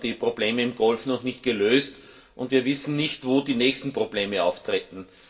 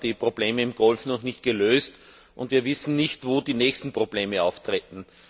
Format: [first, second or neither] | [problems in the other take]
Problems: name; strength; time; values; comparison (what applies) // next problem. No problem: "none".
second | room echo; dies away in 0.7 s